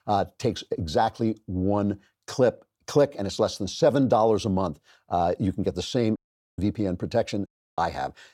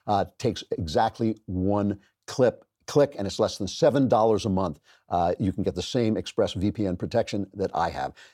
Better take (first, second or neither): second